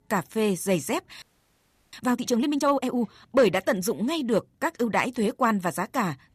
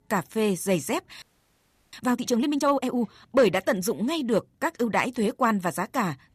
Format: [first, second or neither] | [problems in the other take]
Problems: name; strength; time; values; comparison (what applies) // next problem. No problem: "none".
neither | audio freezing; at 1 s for 0.5 s; the same in both